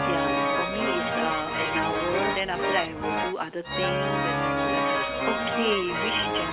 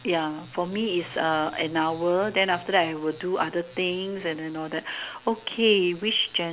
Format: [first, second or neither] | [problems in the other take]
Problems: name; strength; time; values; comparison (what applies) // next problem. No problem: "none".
second | background sound (Organ); 4 dB above the speech